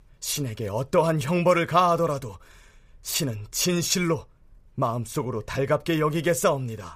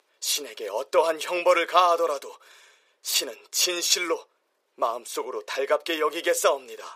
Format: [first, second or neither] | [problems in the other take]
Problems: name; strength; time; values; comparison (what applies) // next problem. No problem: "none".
first | thin; very; fading below 400 Hz